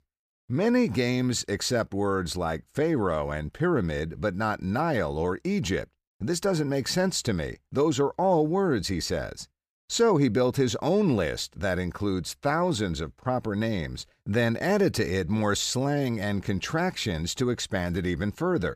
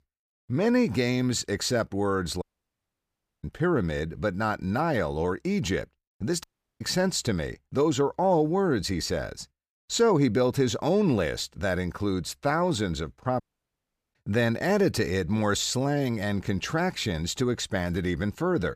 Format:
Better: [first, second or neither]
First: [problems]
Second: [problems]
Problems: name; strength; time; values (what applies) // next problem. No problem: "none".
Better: first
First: none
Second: audio cutting out; at 2.5 s for 1 s, at 6.5 s and at 13 s for 1 s